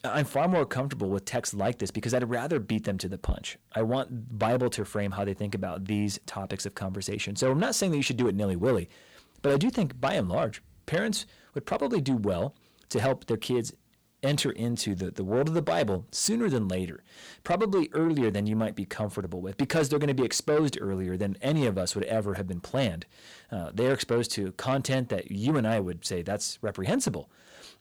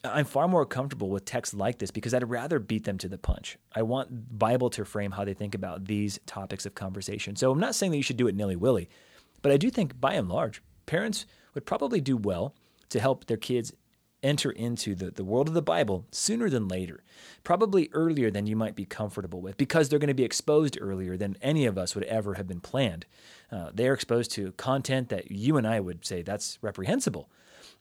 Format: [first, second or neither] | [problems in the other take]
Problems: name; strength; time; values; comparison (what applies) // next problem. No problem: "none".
second | distortion; slight; 10 dB below the speech